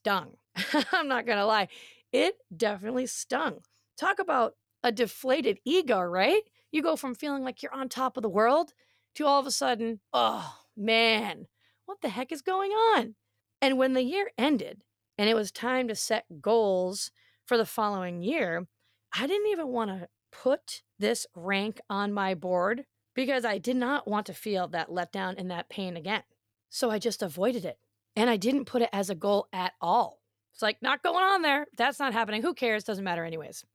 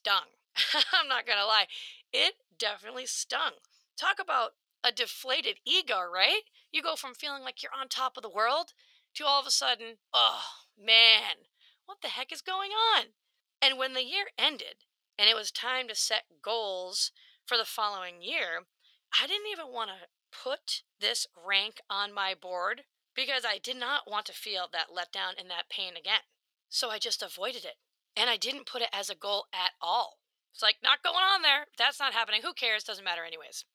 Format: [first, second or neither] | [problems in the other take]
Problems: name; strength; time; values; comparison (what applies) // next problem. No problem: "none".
first | thin; very; fading below 750 Hz